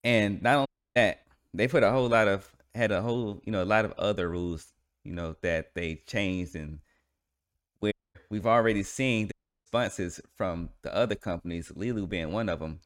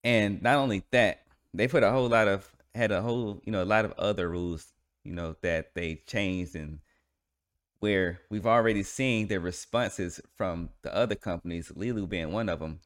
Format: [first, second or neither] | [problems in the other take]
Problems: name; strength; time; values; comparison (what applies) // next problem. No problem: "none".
second | audio cutting out; at 0.5 s, at 8 s and at 9.5 s